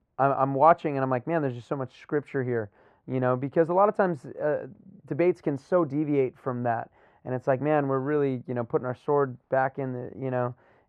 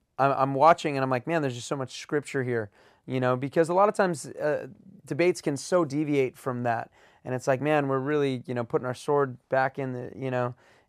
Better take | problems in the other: second | muffled; very; fading above 3 kHz

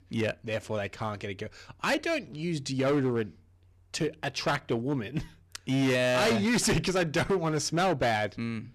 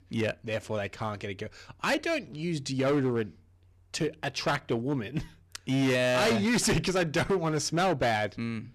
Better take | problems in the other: neither | distortion; heavy; 10% of the sound clipped; the same in both

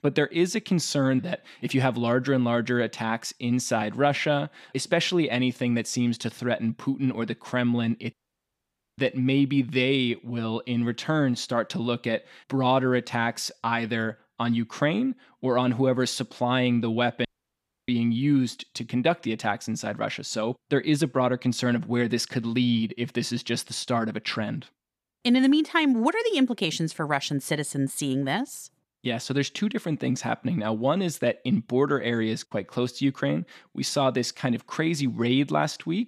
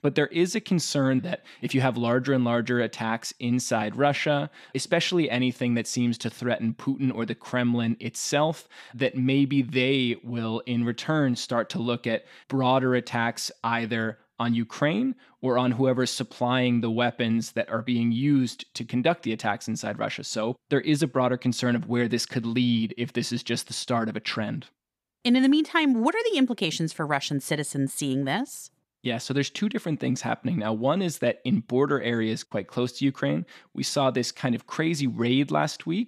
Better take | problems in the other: second | audio cutting out; at 8 s for 1 s and at 17 s for 0.5 s

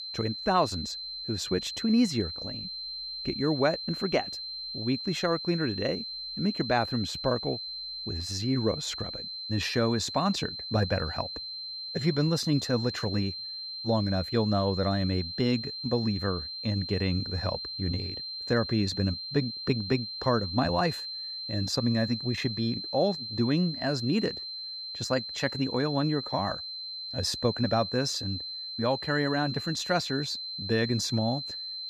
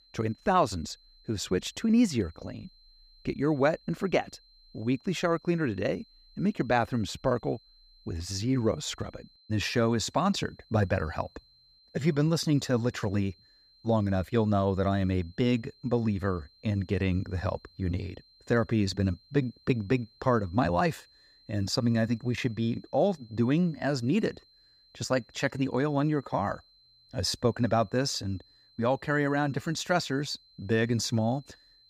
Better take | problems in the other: second | high-pitched whine; loud; throughout; 4 kHz, 5 dB below the speech; faint in the second

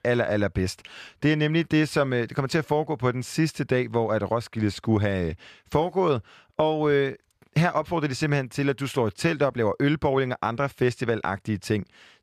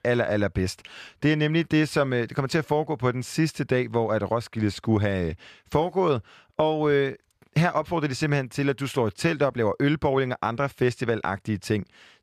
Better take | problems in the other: neither | none

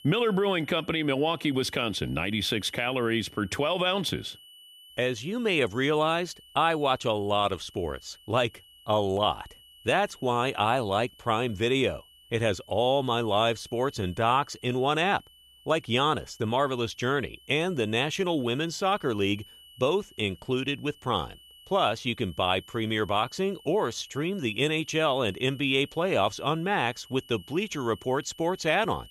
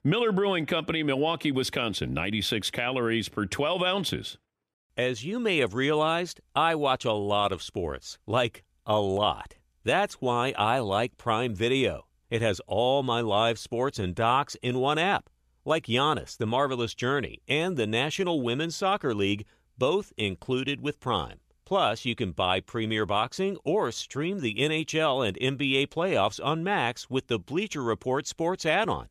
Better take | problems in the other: second | high-pitched whine; faint; throughout; 3 kHz, 25 dB below the speech

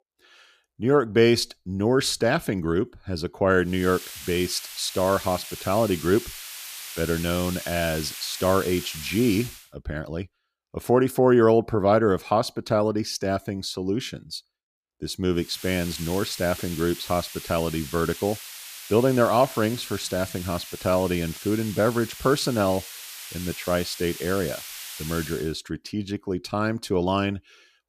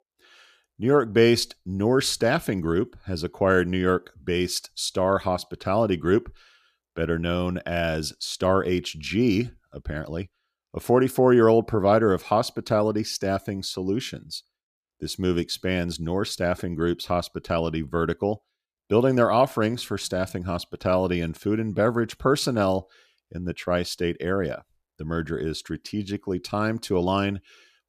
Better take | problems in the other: second | hiss; noticeable; from 4 to 9.5 s and from 15 to 25 s; 10 dB below the speech

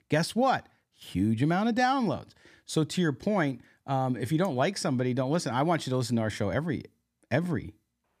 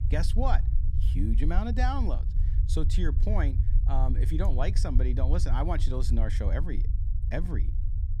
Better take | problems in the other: first | low rumble; noticeable; throughout; 10 dB below the speech

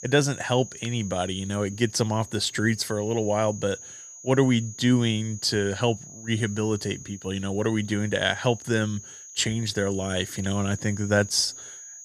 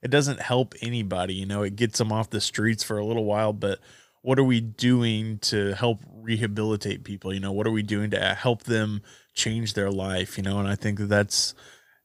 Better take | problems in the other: second | high-pitched whine; noticeable; throughout; 6.5 kHz, 15 dB below the speech

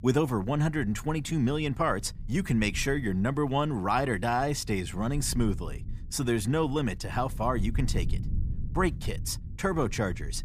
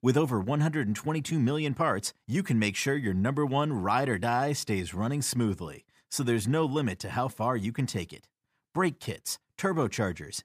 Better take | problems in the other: second | low rumble; faint; throughout; 25 dB below the speech

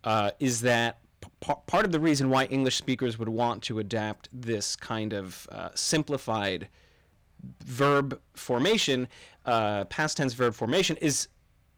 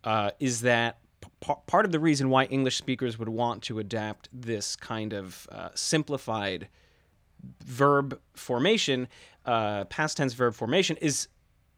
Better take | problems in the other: second | distortion; slight; 5% of the sound clipped

